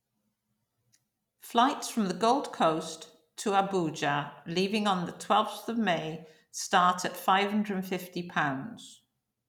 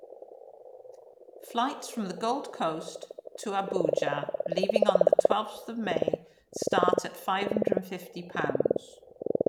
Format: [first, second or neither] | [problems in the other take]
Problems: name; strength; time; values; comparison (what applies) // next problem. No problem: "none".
first | background sound (Frog); 4 dB above the speech